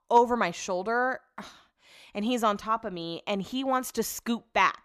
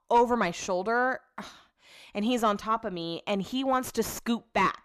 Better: first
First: none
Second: distortion; slight; 10 dB below the speech

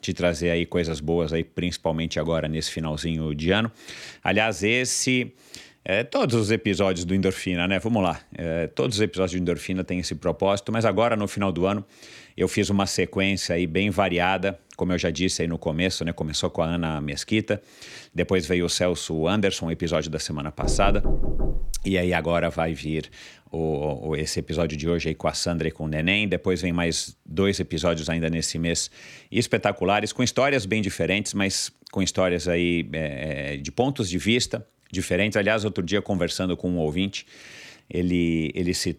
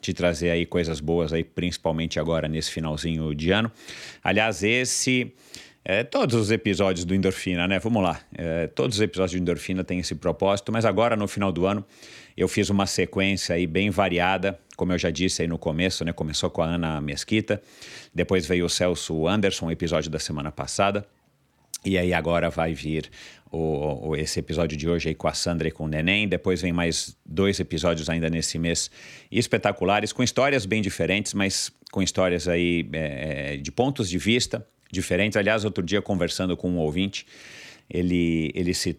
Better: second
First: door banging; noticeable; from 21 to 22 s; peak 4 dB below the speech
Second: none

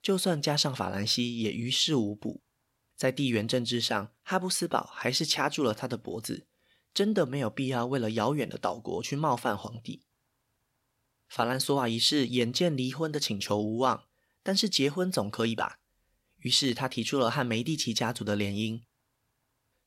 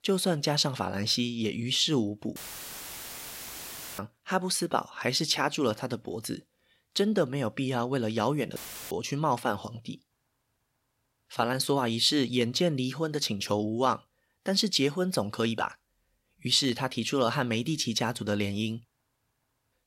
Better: first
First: none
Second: audio cutting out; filled with static; at 2.5 s for 1.5 s and at 8.5 s

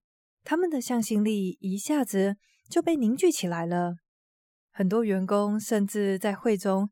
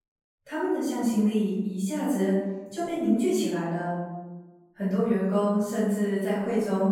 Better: first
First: none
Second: off-mic speech; far // room echo; strong; dies away in 1.1 s

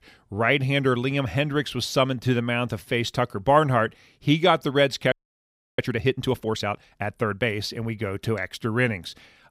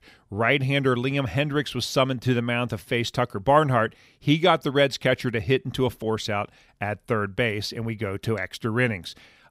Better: second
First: audio freezing; at 5 s for 0.5 s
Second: none

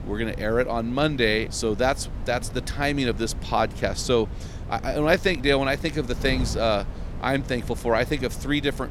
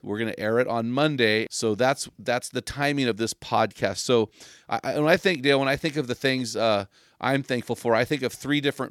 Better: second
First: wind noise on the microphone; occasional gusts; 20 dB below the speech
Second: none

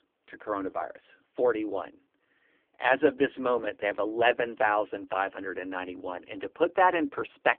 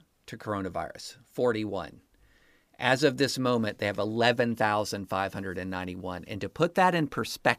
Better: second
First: phone-call audio; poor line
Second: none

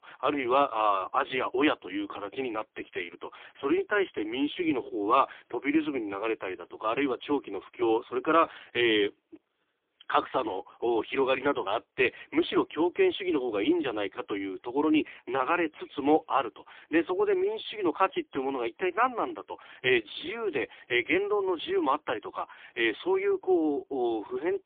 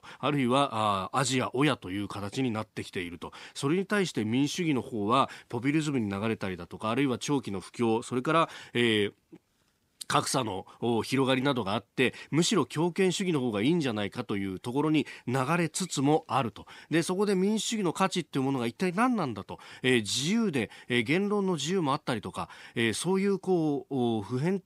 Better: second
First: phone-call audio; poor line; nothing above 3 kHz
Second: none

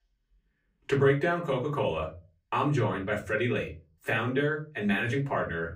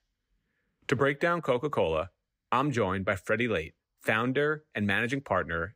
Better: second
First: off-mic speech; far // room echo; very slight; dies away in 0.3 s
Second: none

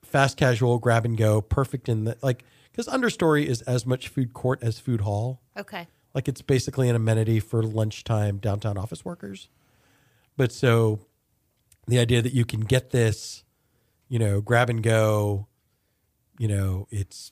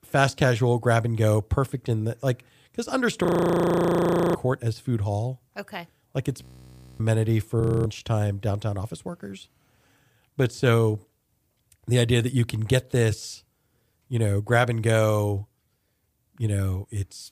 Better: first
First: none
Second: audio freezing; at 3.5 s for 1 s, at 6.5 s for 0.5 s and at 7.5 s

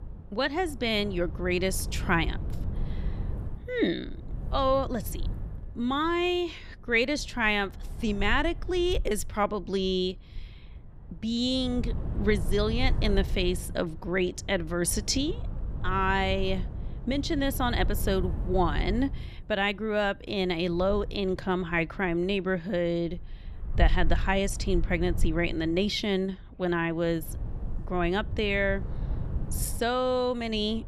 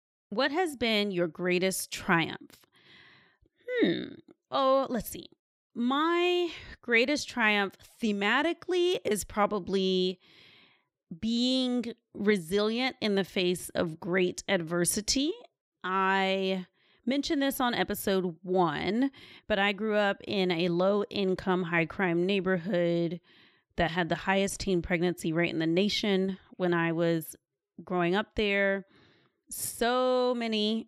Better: second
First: wind noise on the microphone; occasional gusts; 20 dB below the speech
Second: none

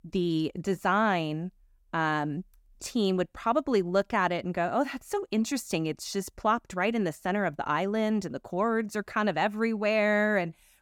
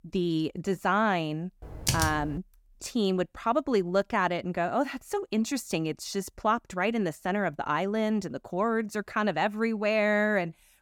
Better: first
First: none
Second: keyboard typing; loud; at 1.5 s; peak level with the speech

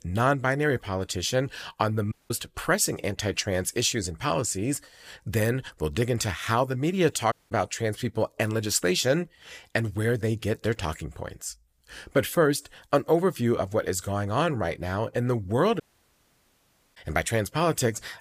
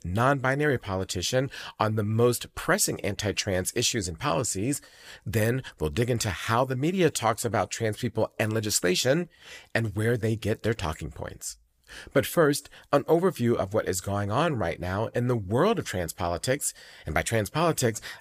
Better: second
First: audio cutting out; at 2 s, at 7.5 s and at 16 s for 1 s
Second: none

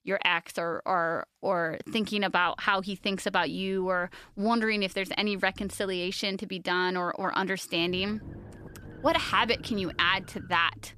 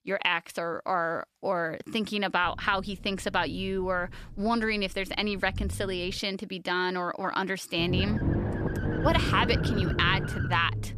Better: first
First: low rumble; faint; from 2.5 to 6 s and from 8 s on; 25 dB below the speech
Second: low rumble; loud; from 2.5 to 6 s and from 8 s on; 7 dB below the speech

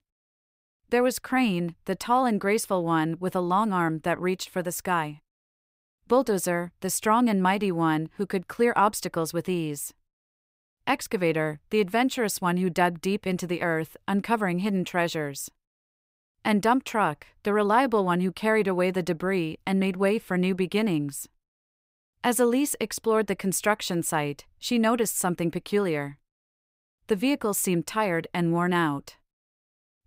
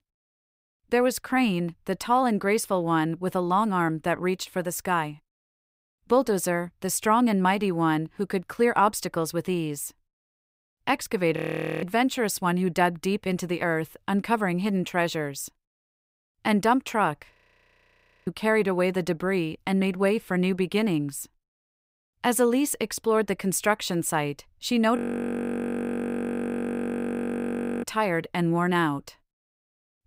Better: first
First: none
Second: audio freezing; at 11 s, at 17 s for 1 s and at 25 s for 3 s

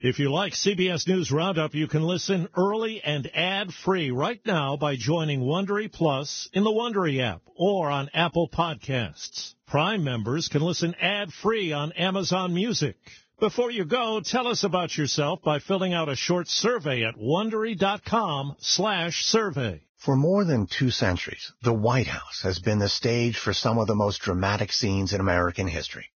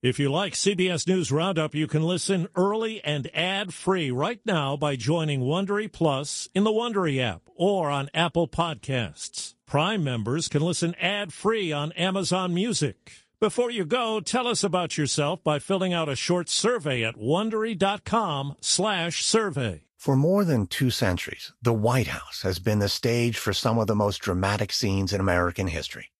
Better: second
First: garbled, watery; badly; nothing above 6.5 kHz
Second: garbled, watery; slightly

